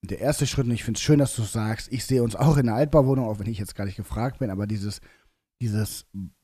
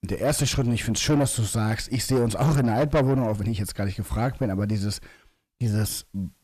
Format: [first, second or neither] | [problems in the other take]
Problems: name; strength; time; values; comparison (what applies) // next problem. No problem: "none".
first | distortion; heavy; 8 dB below the speech